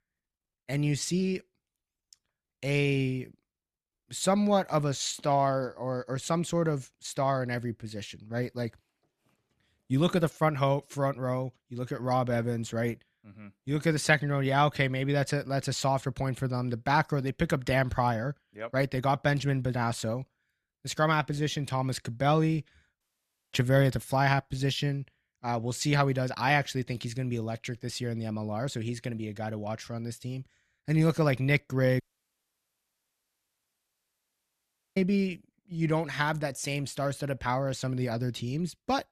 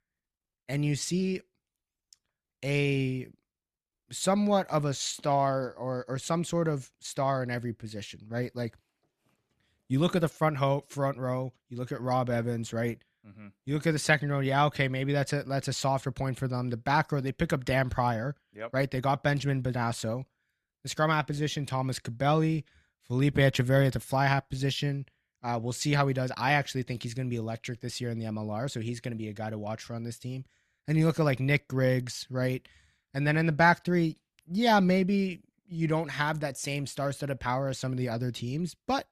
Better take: second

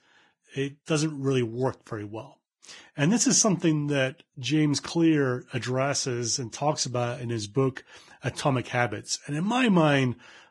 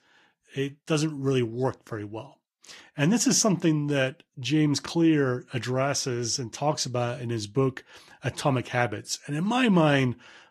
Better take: second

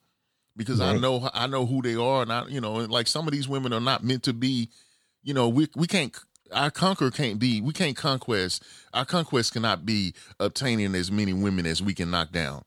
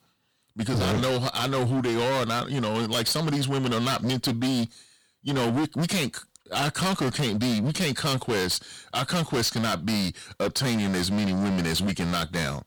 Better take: first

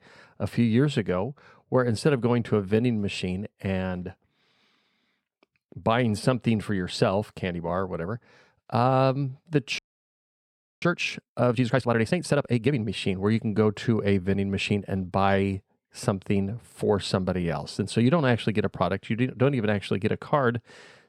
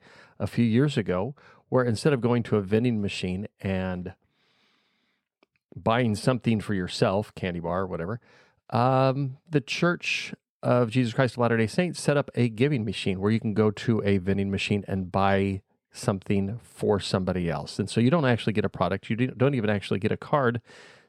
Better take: second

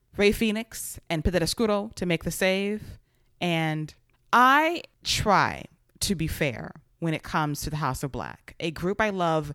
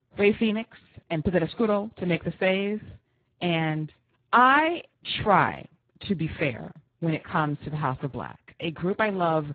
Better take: first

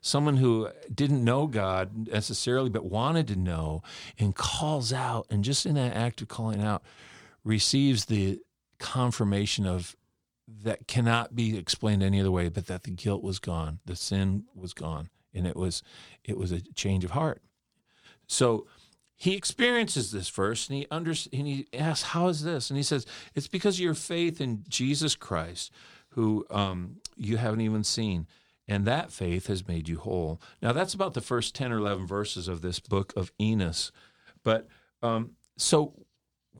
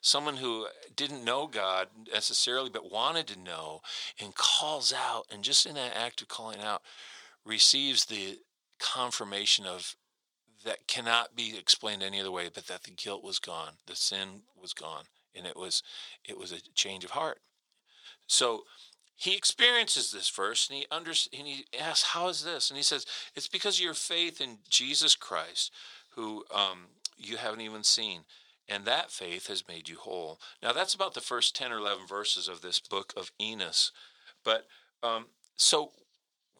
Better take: first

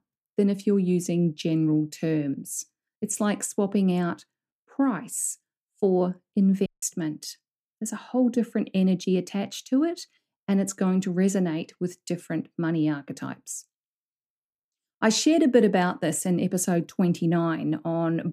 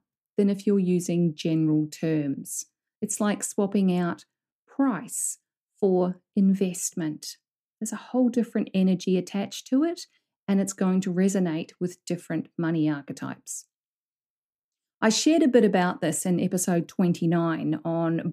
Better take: second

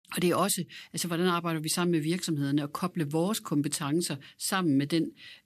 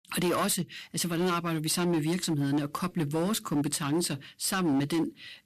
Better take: first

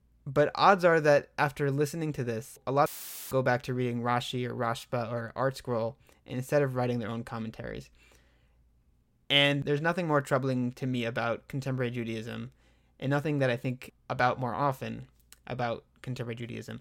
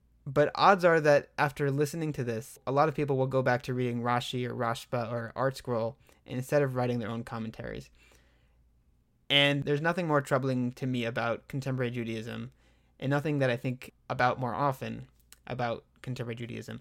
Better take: second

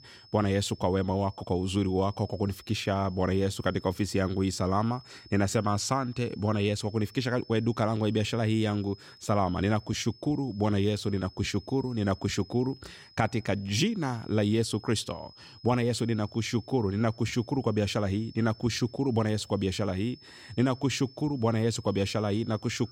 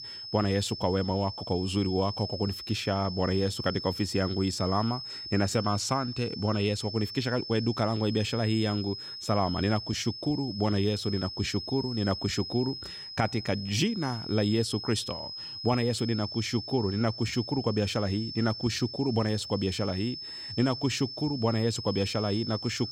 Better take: first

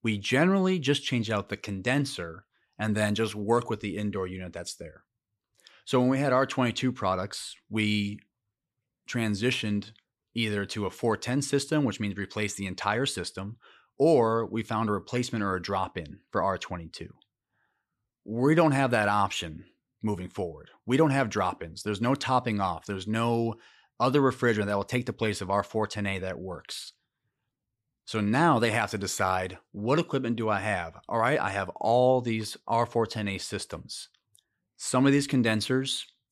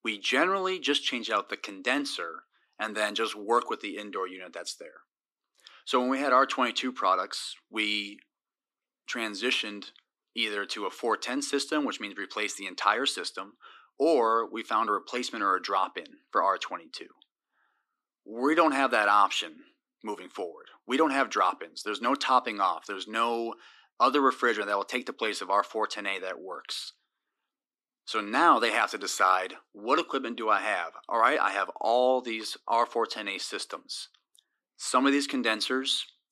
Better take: first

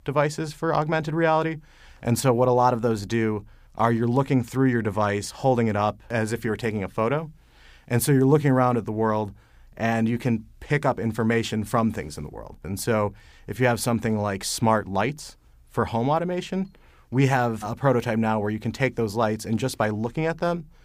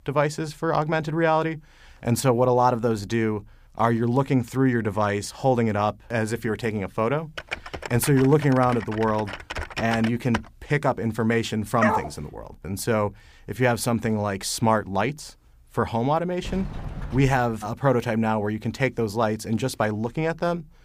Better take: first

